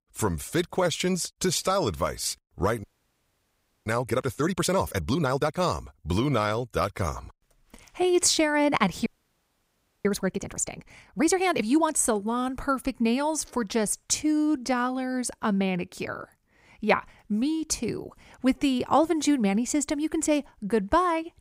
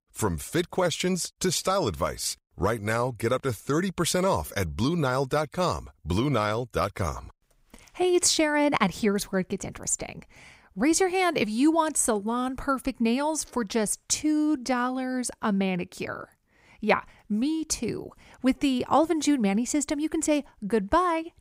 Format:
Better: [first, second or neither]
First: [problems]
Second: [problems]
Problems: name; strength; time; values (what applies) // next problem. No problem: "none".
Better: second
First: audio freezing; at 3 s for 1 s and at 9 s for 1 s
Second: none